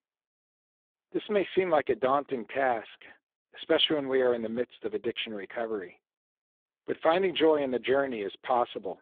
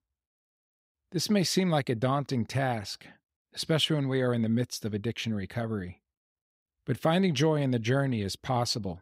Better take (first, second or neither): second